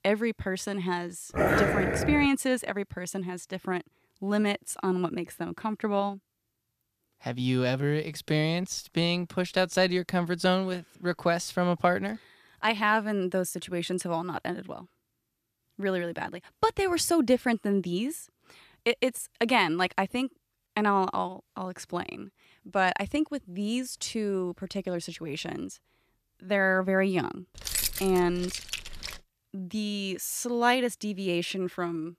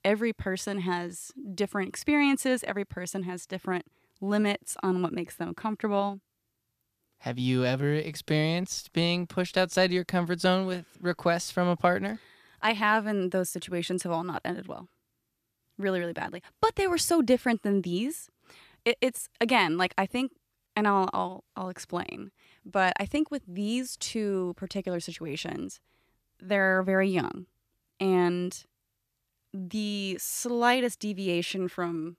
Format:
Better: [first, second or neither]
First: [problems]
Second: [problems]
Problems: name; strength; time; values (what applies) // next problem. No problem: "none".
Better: second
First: dog barking; loud; at 1.5 s; peak 5 dB above the speech // jangling keys; loud; from 28 to 29 s; peak 1 dB above the speech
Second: none